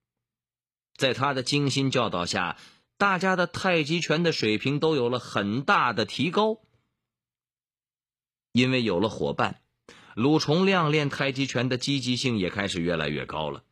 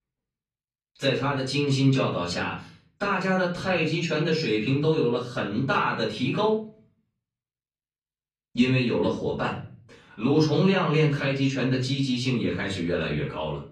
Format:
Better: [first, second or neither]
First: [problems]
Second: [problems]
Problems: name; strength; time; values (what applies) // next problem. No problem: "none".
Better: first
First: none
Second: room echo; slight; dies away in 0.5 s // off-mic speech; far